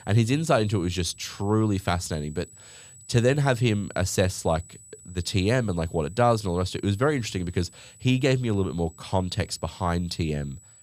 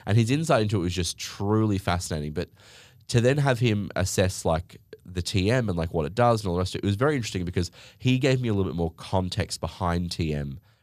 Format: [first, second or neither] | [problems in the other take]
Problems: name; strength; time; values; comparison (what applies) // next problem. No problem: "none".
second | high-pitched whine; faint; throughout; 8 kHz, 20 dB below the speech